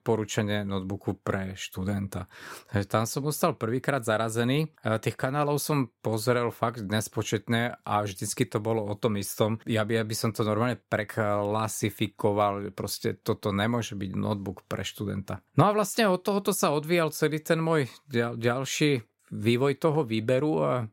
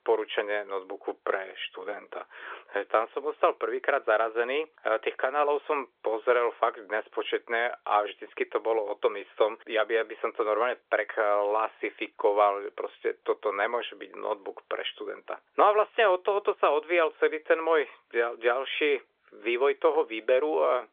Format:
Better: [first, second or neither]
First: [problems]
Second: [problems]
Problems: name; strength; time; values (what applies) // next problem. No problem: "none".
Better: first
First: none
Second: phone-call audio; nothing above 3.5 kHz